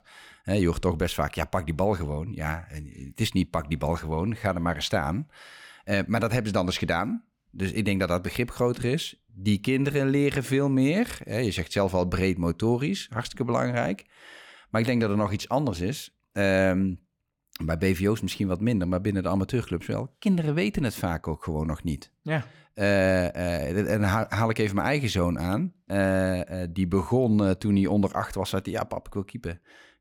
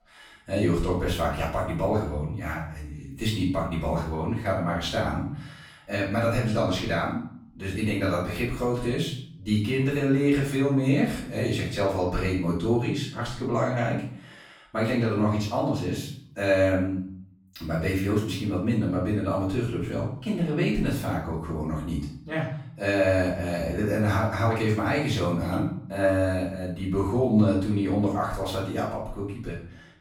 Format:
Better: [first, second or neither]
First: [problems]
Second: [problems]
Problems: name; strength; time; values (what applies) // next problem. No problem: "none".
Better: first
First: none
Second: off-mic speech; far // room echo; noticeable; dies away in 0.5 s